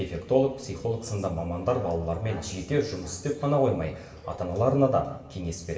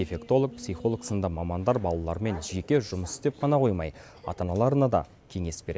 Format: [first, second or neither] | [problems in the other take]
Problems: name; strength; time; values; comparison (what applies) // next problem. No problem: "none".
second | room echo; dies away in 1 s